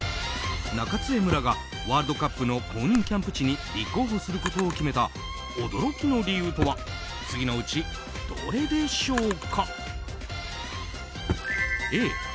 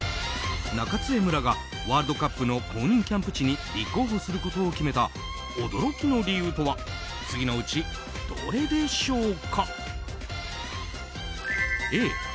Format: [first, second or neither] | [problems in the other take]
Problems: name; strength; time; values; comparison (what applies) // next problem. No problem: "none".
second | background sound (Drawer open or close); 12 dB below the speech